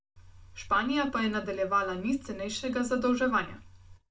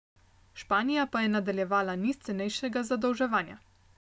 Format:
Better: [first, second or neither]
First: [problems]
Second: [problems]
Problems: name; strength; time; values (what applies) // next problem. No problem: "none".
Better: second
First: room echo; dies away in 0.2 s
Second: none